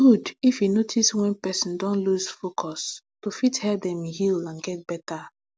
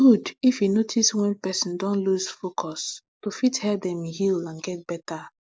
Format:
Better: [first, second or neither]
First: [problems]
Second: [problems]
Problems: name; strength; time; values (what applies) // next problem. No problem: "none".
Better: first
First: none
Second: noise reduction (neural mask model Resemble Enhance denoiser)